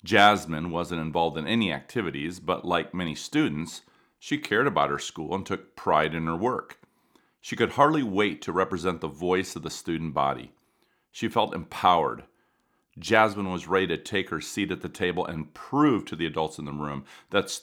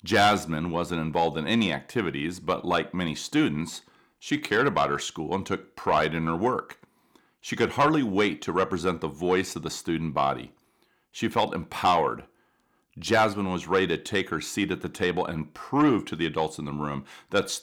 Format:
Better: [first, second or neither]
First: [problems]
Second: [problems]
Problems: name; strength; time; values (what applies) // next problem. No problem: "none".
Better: first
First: none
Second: distortion; slight; 10 dB below the speech